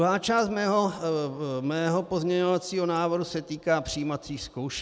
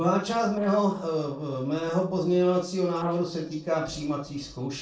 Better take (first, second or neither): first